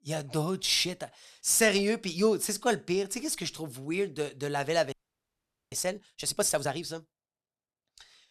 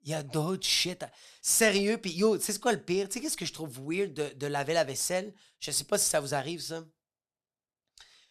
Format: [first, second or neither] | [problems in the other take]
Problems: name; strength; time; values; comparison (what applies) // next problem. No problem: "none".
second | audio freezing; at 5 s for 1 s